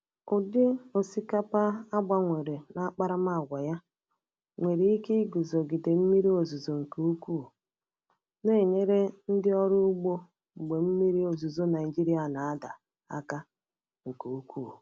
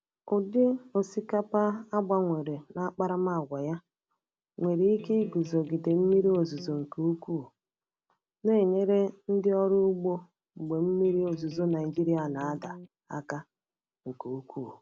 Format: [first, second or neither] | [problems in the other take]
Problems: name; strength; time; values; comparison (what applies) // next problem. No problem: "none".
first | background sound (Electric guitar); 15 dB below the speech